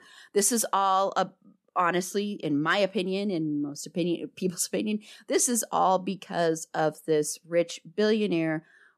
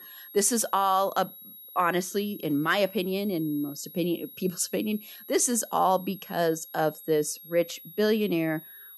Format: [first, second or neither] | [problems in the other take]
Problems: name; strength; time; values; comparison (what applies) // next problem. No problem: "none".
first | high-pitched whine; noticeable; throughout; 11.5 kHz, 15 dB below the speech